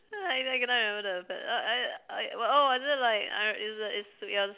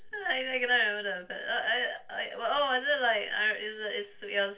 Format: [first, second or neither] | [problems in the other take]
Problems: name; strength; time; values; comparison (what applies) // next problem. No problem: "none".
first | room echo; dies away in 0.2 s